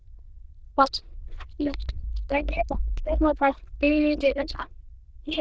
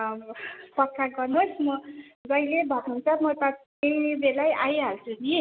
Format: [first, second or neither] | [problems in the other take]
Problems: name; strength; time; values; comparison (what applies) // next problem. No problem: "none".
second | noise reduction (neural diffusion model UNIVERSE++)